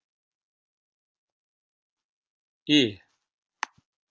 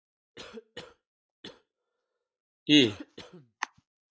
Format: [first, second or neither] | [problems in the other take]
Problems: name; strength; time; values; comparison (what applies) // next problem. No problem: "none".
first | noise reduction (classical method log-MMSE)